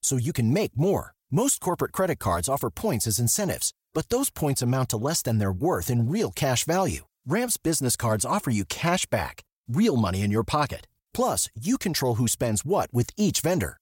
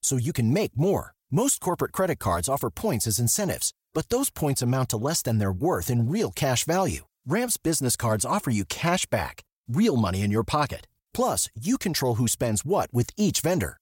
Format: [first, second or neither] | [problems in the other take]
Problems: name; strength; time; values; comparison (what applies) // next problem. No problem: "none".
neither | none